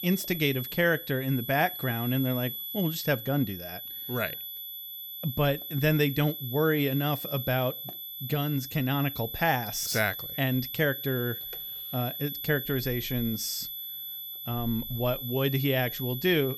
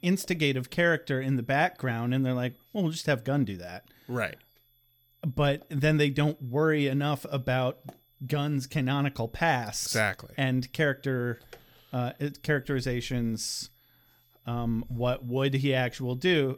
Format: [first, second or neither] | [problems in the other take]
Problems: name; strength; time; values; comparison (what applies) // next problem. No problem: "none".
second | high-pitched whine; loud; throughout; 12 kHz, 6 dB below the speech; faint in the second